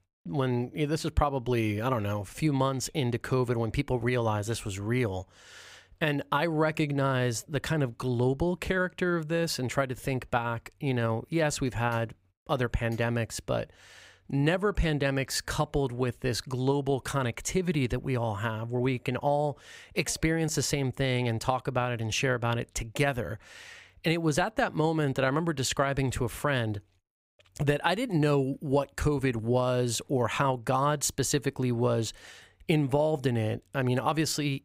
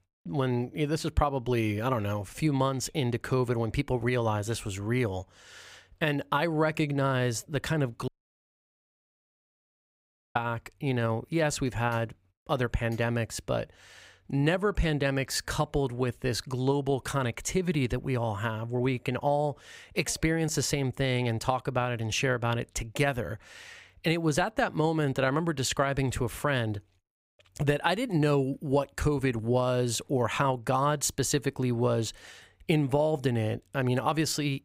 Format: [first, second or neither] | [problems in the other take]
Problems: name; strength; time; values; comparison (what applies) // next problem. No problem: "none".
first | audio cutting out; at 8 s for 2.5 s